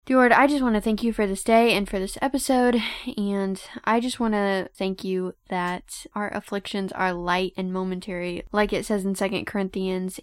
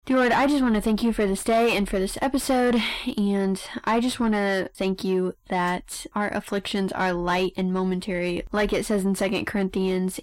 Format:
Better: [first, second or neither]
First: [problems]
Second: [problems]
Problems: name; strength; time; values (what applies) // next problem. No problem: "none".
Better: first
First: none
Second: distortion; heavy; 7 dB below the speech